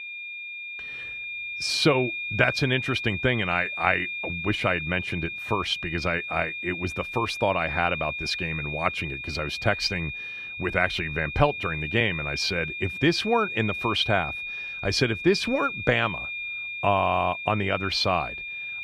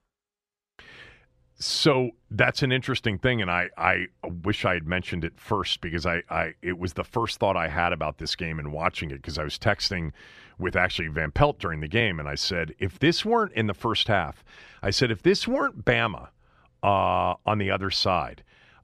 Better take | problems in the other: second | high-pitched whine; loud; throughout; 2.5 kHz, 5 dB below the speech

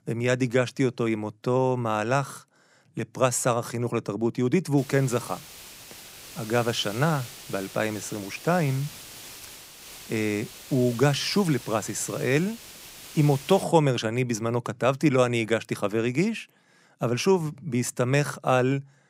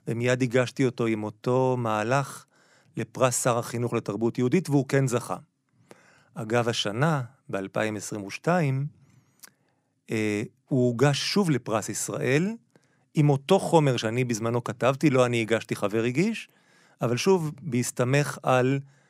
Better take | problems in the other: second | hiss; noticeable; from 5 to 14 s; 15 dB below the speech

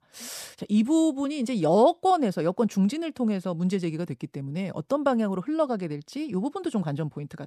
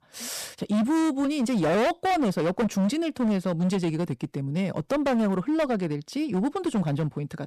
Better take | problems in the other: first | distortion; heavy; 18% of the sound clipped

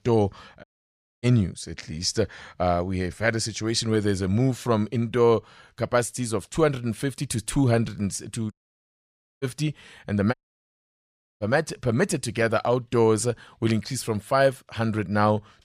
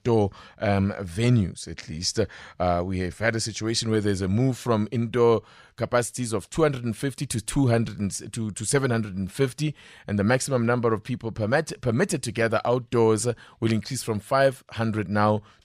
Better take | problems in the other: second | audio cutting out; at 0.5 s for 0.5 s, at 8.5 s for 1 s and at 10 s for 1 s

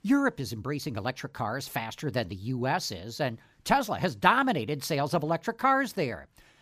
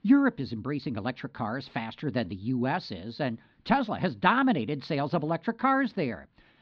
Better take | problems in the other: first | muffled; very slightly; fading above 4 kHz

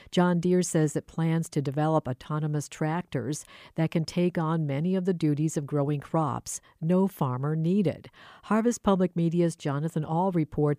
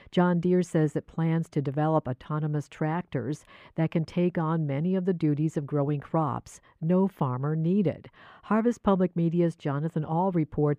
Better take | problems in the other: first | muffled; slightly; fading above 4 kHz

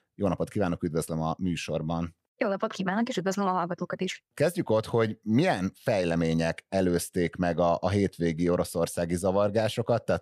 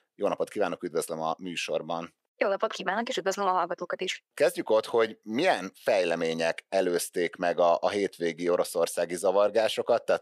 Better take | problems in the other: first | thin; somewhat; fading below 450 Hz

